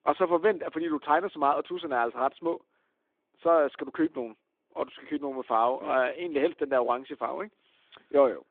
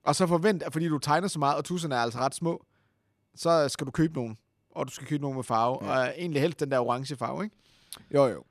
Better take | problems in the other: second | phone-call audio

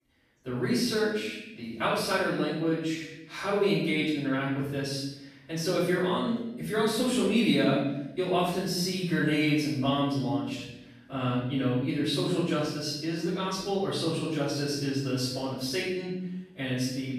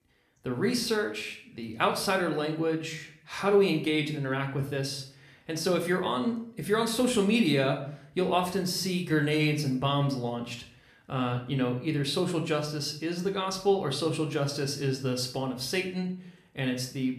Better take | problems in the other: second | room echo; strong; dies away in 0.9 s; slight in the second // off-mic speech; far

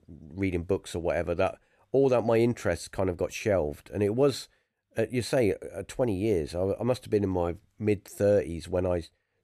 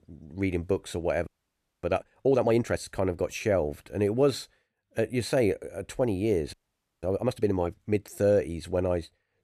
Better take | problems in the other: first | audio freezing; at 1.5 s for 0.5 s and at 6.5 s for 0.5 s

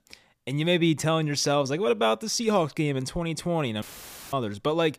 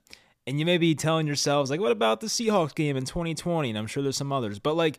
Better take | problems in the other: second | audio cutting out; filled with static; at 4 s for 0.5 s

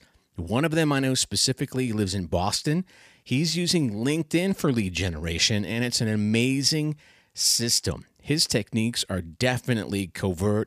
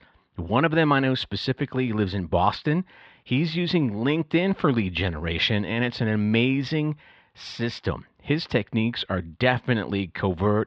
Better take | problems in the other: first | muffled; very; fading above 3.5 kHz

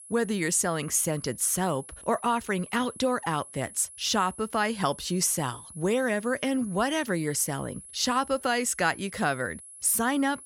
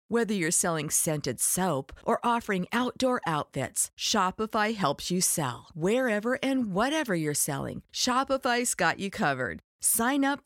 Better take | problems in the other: second | high-pitched whine; noticeable; throughout; 10.5 kHz, 15 dB below the speech

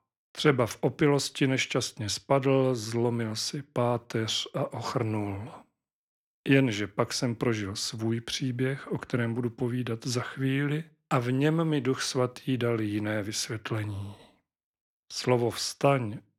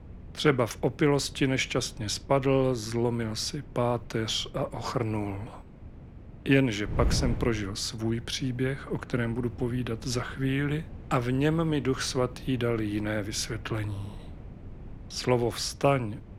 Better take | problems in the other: first | wind noise on the microphone; occasional gusts; 20 dB below the speech

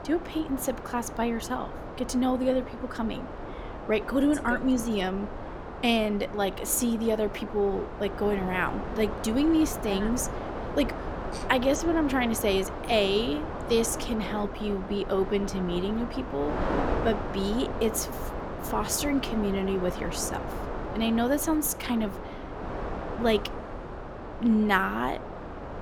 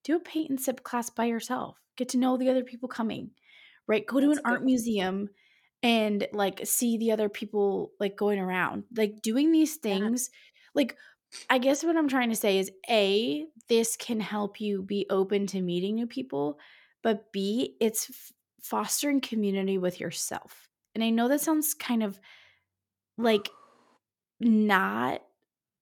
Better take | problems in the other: second | wind noise on the microphone; heavy; 7 dB below the speech

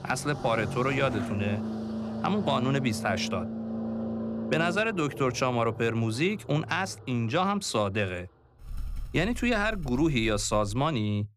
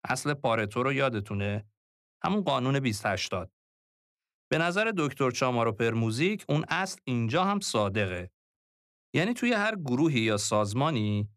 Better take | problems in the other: second | traffic noise; loud; throughout; 8 dB below the speech

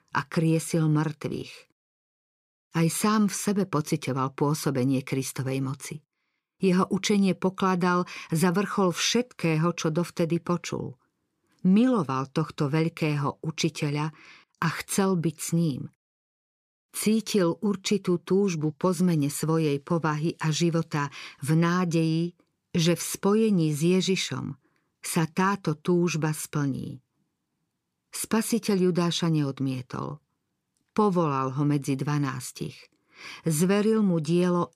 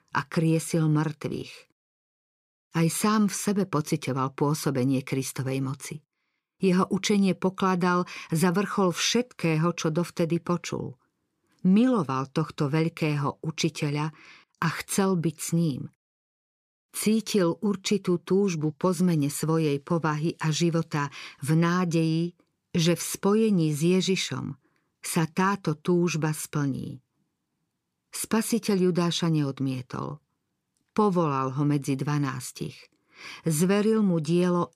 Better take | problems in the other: neither | none

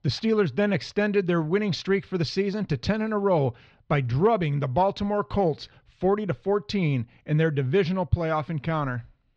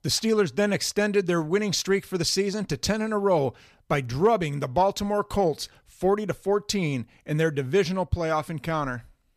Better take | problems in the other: second | muffled; very slightly; fading above 4 kHz

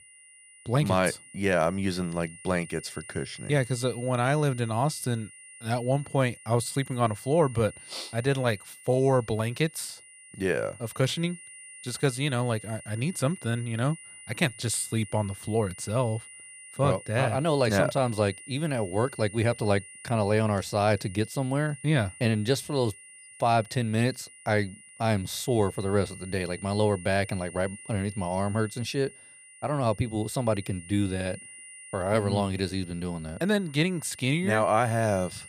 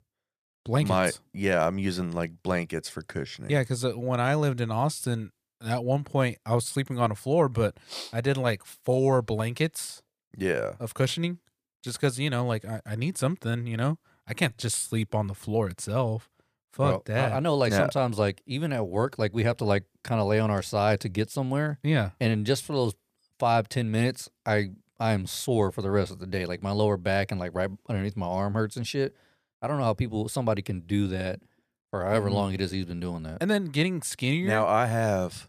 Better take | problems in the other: second | high-pitched whine; noticeable; throughout; 9.5 kHz, 15 dB below the speech

